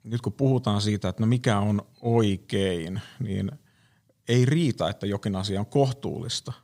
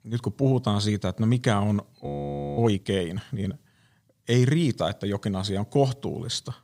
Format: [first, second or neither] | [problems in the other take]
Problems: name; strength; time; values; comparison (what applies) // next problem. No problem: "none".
first | audio freezing; at 2 s for 0.5 s